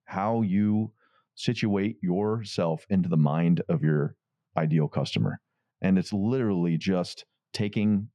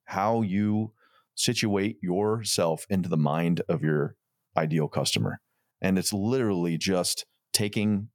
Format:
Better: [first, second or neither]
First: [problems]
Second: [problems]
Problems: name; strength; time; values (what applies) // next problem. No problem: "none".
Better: second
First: muffled; slightly; fading above 3.5 kHz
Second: none